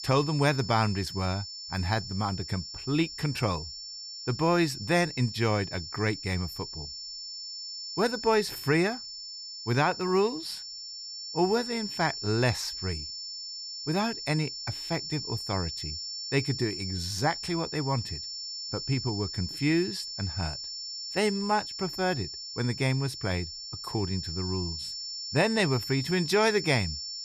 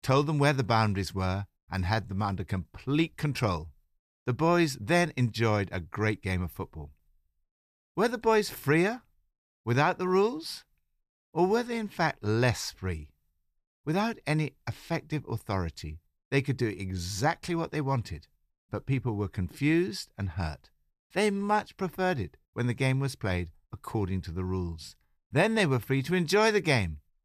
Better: second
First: high-pitched whine; loud; throughout; 5.5 kHz, 7 dB below the speech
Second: none

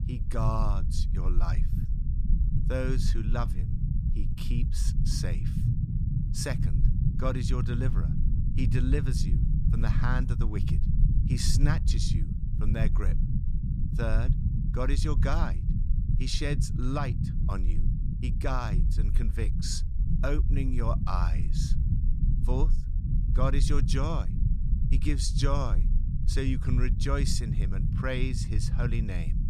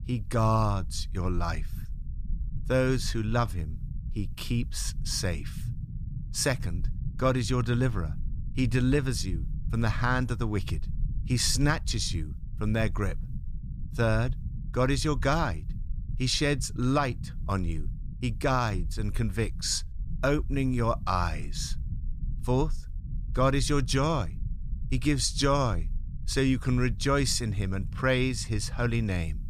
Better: second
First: low rumble; loud; throughout; 7 dB below the speech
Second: low rumble; faint; throughout; 20 dB below the speech

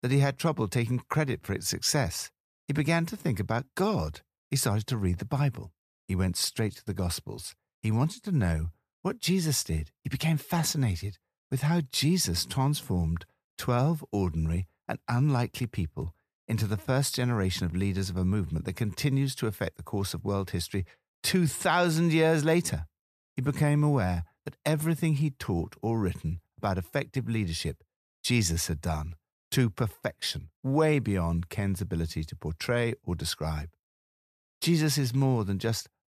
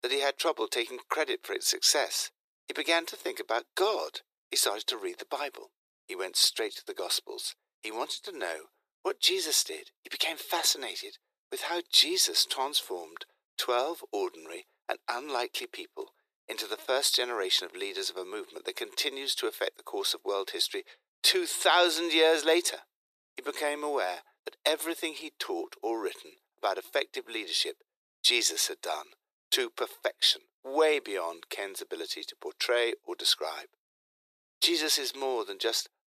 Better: first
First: none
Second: thin; very; fading below 350 Hz

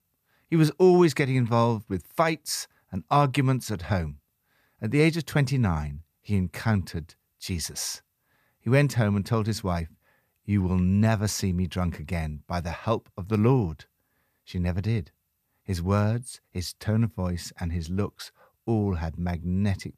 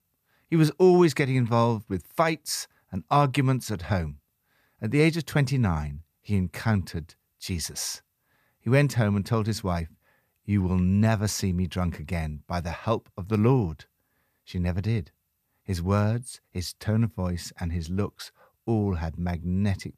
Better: neither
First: none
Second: none

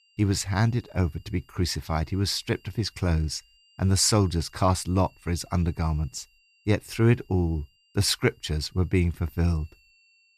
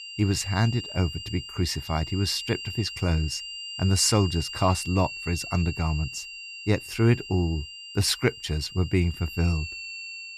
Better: first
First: high-pitched whine; faint; throughout; 3 kHz, 35 dB below the speech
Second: high-pitched whine; loud; throughout; 3 kHz, 9 dB below the speech

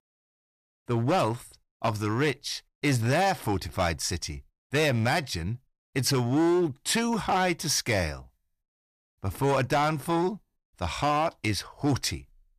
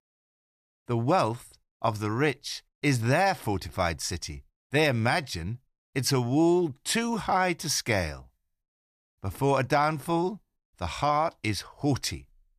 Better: second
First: distortion; slight; 7% of the sound clipped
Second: none

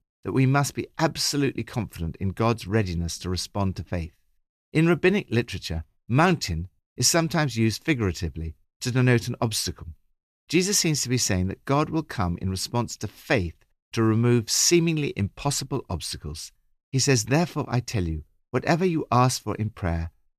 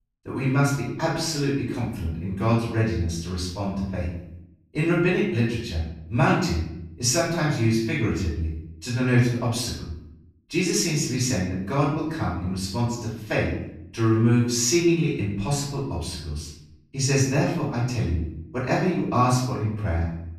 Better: first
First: none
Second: off-mic speech; far // room echo; noticeable; dies away in 0.7 s

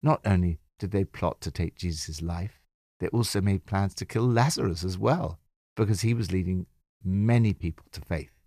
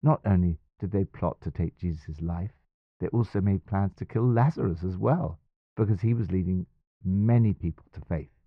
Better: first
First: none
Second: muffled; very; fading above 1.5 kHz

